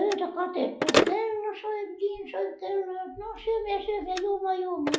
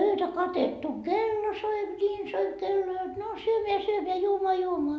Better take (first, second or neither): second